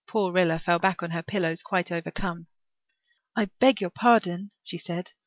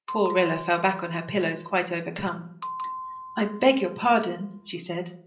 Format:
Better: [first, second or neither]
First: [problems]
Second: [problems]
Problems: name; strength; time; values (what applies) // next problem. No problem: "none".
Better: first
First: none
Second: background sound (Bell); 13 dB below the speech // room echo; dies away in 0.5 s